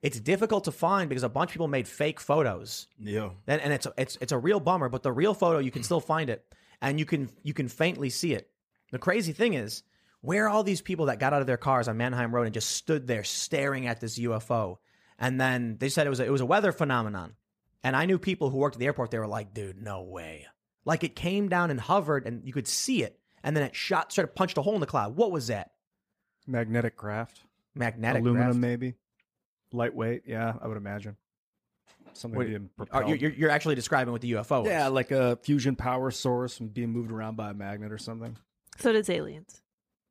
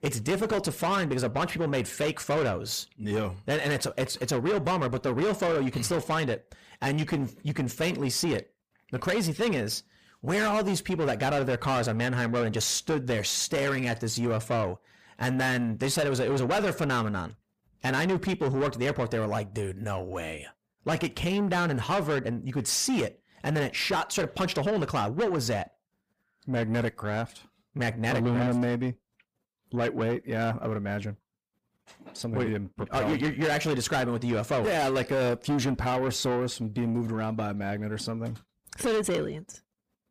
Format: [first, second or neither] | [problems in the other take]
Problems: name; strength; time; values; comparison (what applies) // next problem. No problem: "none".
first | distortion; heavy; 7 dB below the speech